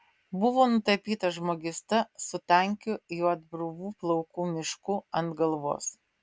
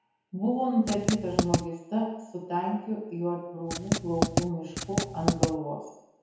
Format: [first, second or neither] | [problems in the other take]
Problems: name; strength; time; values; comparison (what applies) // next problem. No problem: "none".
first | background sound (Writing); 2 dB above the speech // room echo; dies away in 1 s